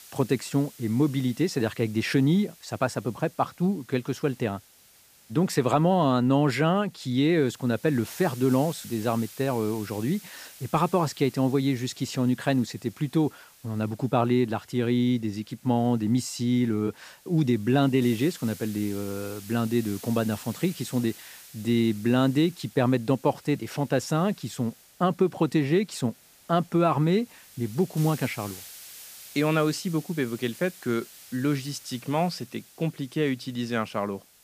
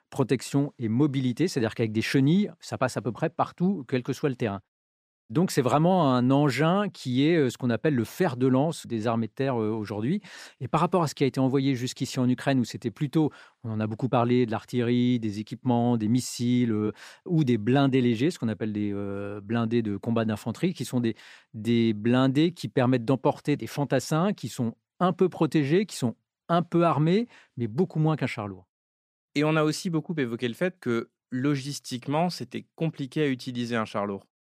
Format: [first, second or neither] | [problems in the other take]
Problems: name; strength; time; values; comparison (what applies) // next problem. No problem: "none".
second | hiss; noticeable; throughout; 20 dB below the speech